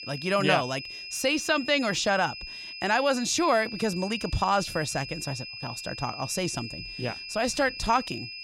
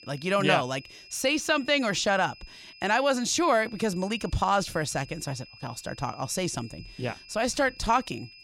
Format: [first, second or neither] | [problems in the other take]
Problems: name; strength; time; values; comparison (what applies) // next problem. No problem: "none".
second | high-pitched whine; loud; throughout; 5 kHz, 10 dB below the speech; faint in the second